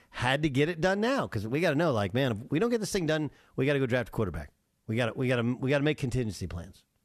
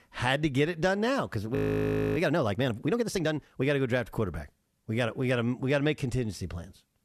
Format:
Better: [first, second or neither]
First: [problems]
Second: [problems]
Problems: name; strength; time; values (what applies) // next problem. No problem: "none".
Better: first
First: none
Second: audio freezing; at 1.5 s for 0.5 s